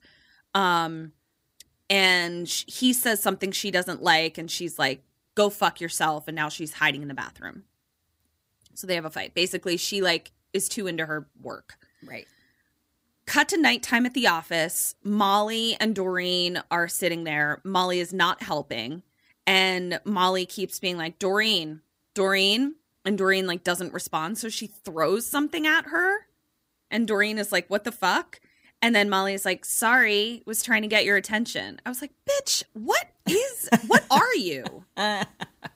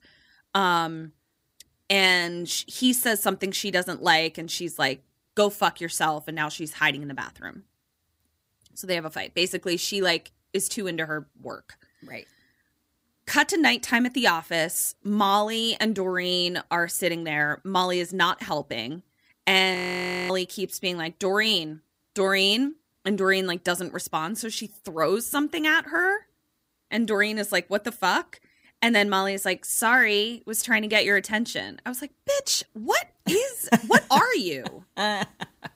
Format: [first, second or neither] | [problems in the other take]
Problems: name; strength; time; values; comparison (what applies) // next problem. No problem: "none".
first | audio freezing; at 20 s for 0.5 s